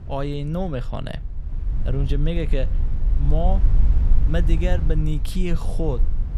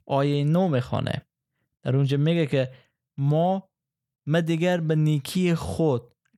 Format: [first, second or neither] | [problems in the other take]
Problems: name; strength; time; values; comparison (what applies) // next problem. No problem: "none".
second | low rumble; noticeable; throughout; 10 dB below the speech